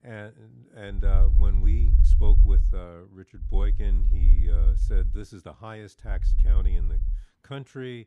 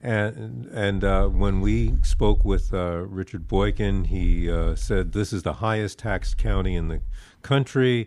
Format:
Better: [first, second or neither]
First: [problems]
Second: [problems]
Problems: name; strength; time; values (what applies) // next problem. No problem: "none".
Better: second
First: low rumble; loud; from 1 to 2.5 s, from 3.5 to 5 s and from 6 to 7 s; 4 dB below the speech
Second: low rumble; faint; from 1 to 2.5 s, from 3.5 to 5 s and from 6 to 7 s; 25 dB below the speech